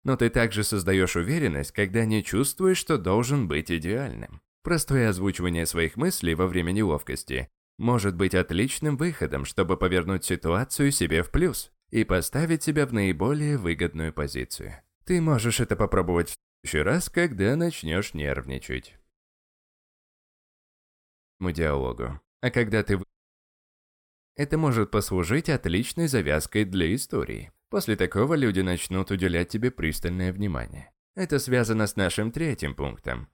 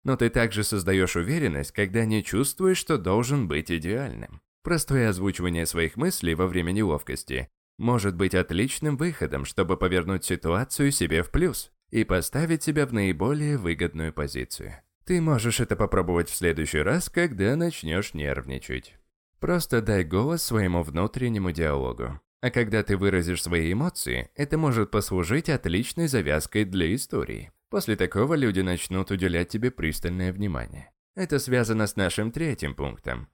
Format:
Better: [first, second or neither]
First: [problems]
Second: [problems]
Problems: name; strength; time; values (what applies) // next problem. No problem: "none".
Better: second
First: audio cutting out; at 16 s, at 19 s for 2 s and at 23 s for 1.5 s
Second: none